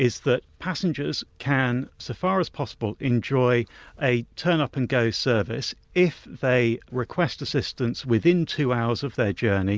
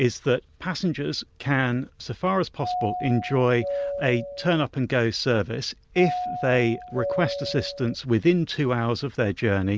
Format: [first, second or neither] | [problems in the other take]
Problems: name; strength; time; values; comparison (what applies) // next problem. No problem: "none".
first | background sound (Doorbell); 6 dB below the speech